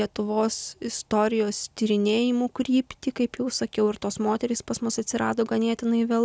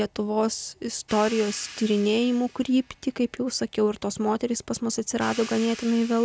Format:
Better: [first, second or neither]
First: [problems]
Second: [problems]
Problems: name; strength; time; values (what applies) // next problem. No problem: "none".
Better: first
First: none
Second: background sound (Hi-hat); 18 dB below the speech